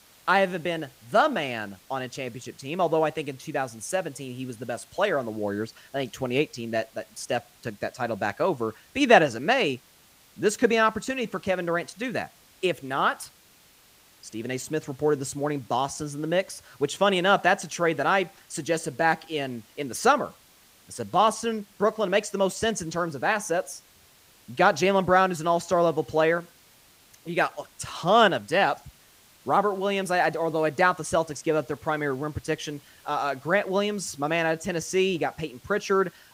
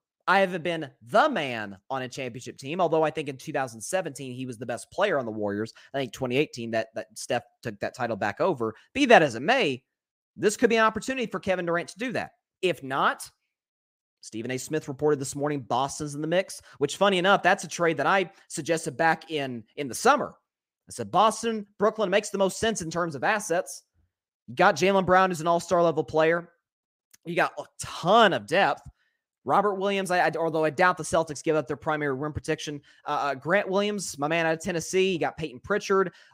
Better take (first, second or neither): second